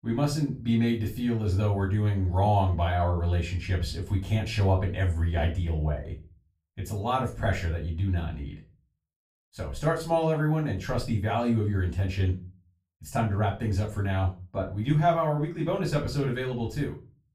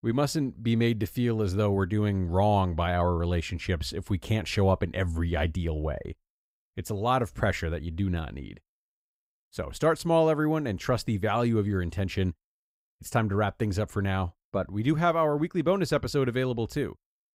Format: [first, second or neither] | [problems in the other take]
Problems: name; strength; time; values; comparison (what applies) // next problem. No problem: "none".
second | room echo; slight; dies away in 0.3 s // off-mic speech; far